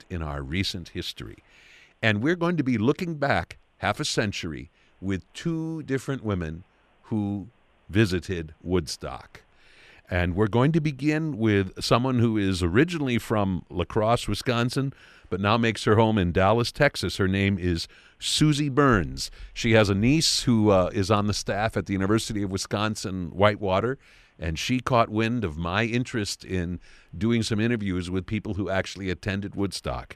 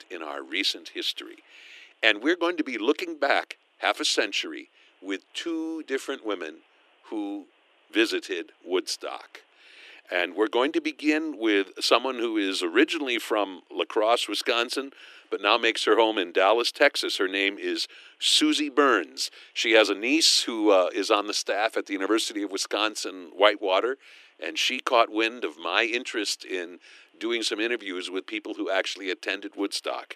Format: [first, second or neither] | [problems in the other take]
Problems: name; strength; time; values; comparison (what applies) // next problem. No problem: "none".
first | thin; somewhat; fading below 300 Hz